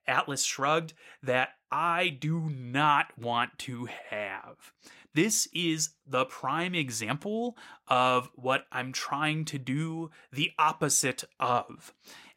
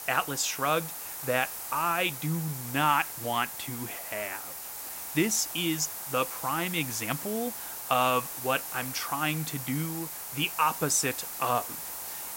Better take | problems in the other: first | hiss; loud; throughout; 6 dB below the speech

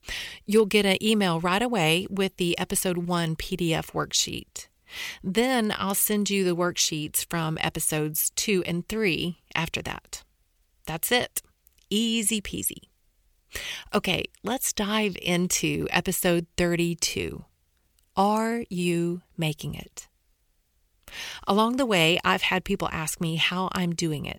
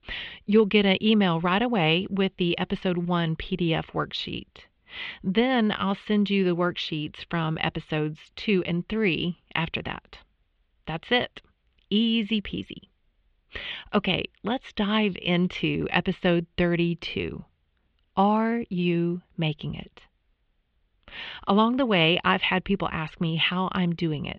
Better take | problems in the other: first | muffled; very; fading above 3.5 kHz

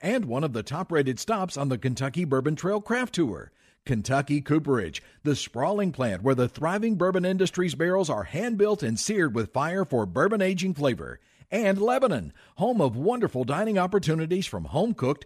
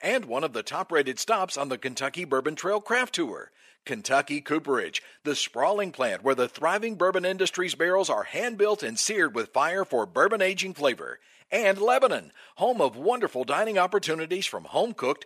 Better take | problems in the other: first | thin; somewhat; fading below 450 Hz

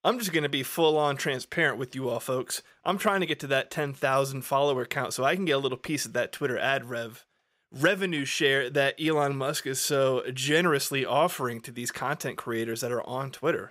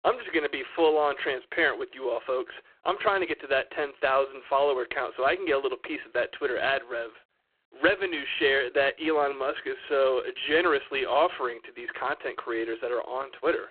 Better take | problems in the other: first | phone-call audio; poor line

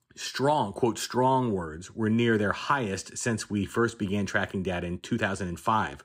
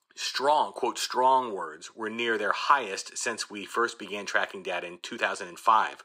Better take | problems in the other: first | thin; very; fading below 550 Hz

